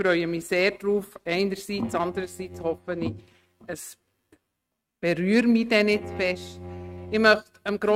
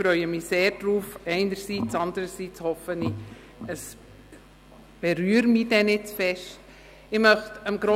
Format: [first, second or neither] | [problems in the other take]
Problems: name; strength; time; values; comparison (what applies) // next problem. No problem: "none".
second | noise reduction (neural mask model RNNoise)